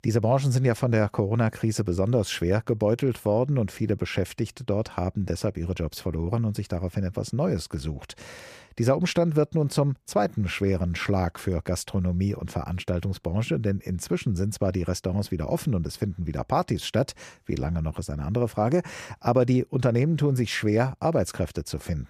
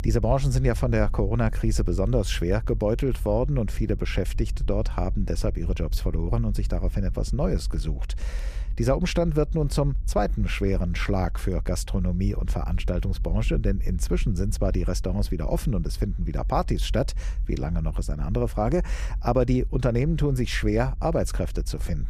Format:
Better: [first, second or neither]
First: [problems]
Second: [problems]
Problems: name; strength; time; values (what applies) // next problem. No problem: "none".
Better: first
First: none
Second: low rumble; faint; throughout; 25 dB below the speech